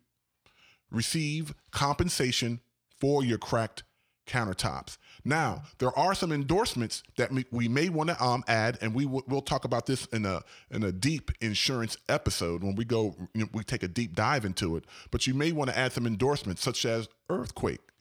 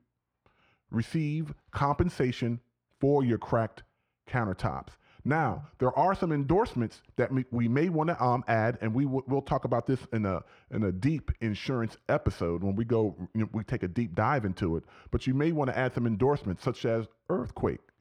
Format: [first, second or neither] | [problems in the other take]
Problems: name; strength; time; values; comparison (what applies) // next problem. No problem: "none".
first | muffled; very; fading above 2.5 kHz